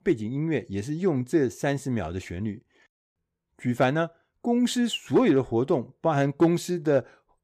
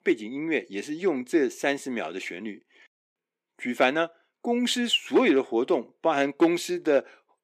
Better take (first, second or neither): first